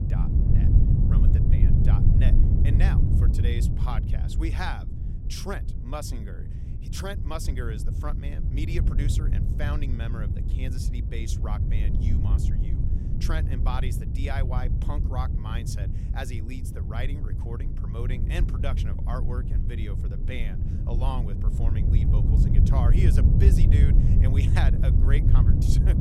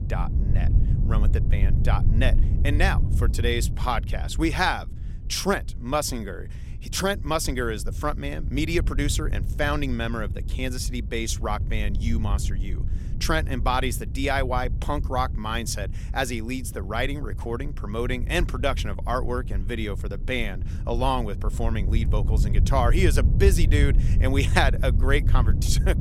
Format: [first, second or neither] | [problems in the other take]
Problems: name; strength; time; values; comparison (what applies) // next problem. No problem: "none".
second | wind noise on the microphone; heavy; 1 dB below the speech; occasional gusts in the second